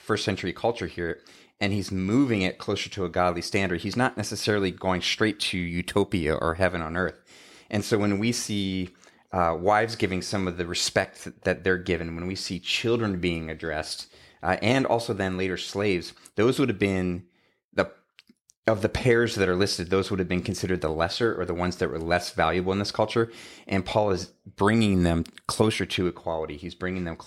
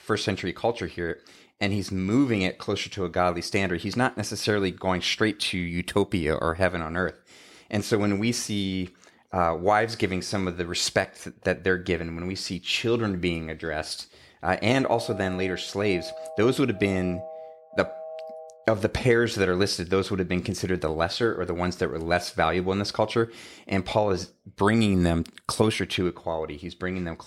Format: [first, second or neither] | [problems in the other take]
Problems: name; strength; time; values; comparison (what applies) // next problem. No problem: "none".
first | phone ringing; faint; from 15 to 19 s; peak 10 dB below the speech